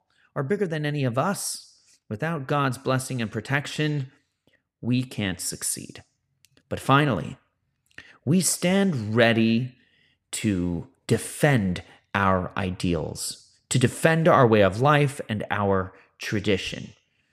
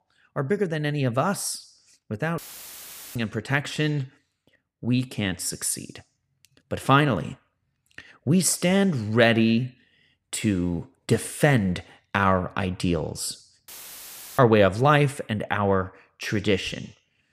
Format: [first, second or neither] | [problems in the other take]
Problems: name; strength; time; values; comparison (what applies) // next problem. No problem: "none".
first | audio cutting out; filled with static; at 2.5 s for 1 s and at 14 s for 0.5 s